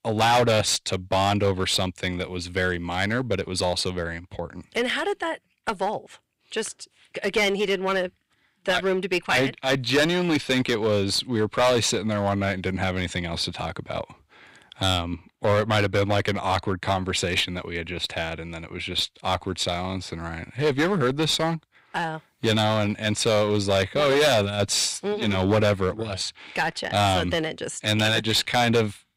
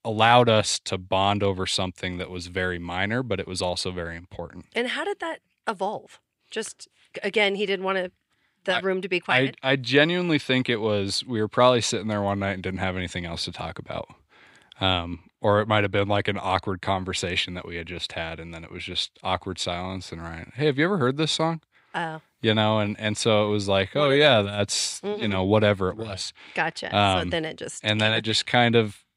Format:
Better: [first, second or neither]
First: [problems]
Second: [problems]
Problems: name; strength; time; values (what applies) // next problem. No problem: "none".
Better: second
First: distortion; heavy; 6% of the sound clipped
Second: none